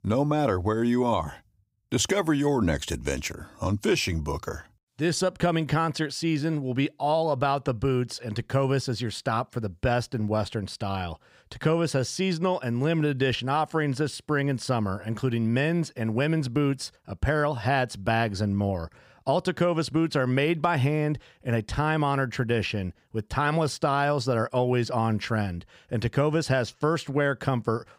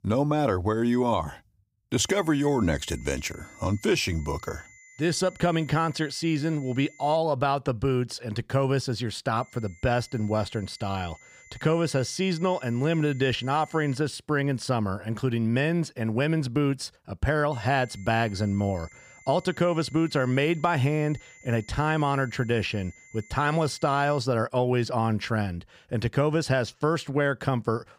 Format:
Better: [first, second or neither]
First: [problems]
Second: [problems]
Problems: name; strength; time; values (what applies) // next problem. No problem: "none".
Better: first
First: none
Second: high-pitched whine; faint; from 2 to 7 s, from 9.5 to 14 s and from 18 to 24 s; 2 kHz, 25 dB below the speech